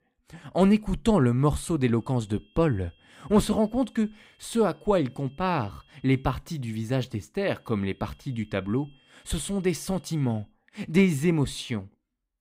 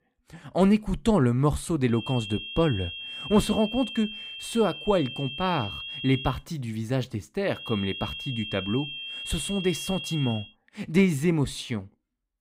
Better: first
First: high-pitched whine; faint; from 2 to 6.5 s and from 7.5 to 10 s; 3.5 kHz, 35 dB below the speech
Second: high-pitched whine; loud; from 2 to 6.5 s and from 7.5 to 10 s; 3.5 kHz, 8 dB below the speech

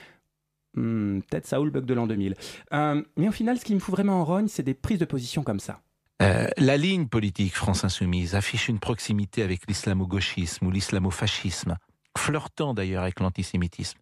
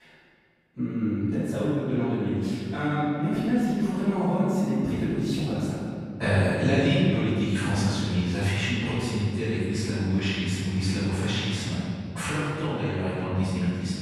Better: first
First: none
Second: off-mic speech; far // room echo; strong; dies away in 2.2 s

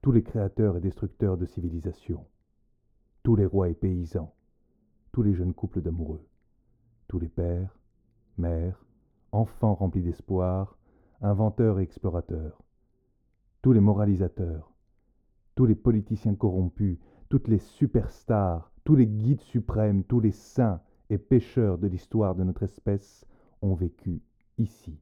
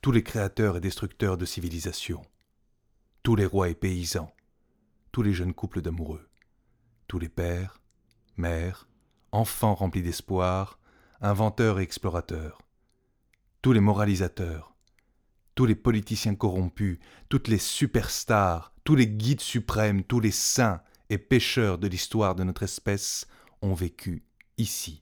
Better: second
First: muffled; very; fading above 1.5 kHz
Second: none

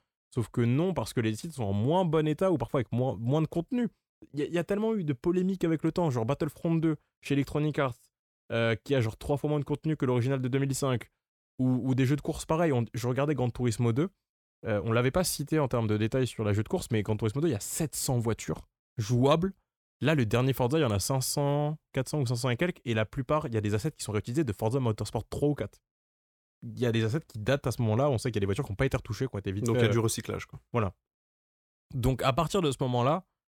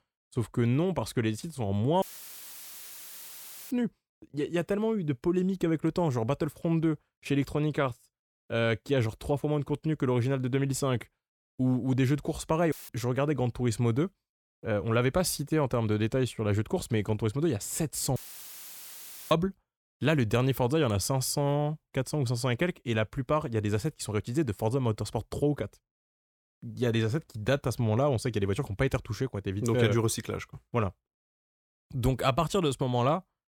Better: first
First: none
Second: audio cutting out; filled with static; at 2 s for 1.5 s, at 13 s and at 18 s for 1 s

